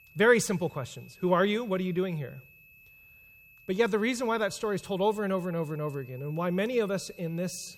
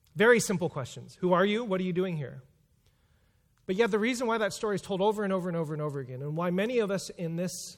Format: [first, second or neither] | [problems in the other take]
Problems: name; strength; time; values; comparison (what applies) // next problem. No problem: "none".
second | high-pitched whine; faint; throughout; 2.5 kHz, 25 dB below the speech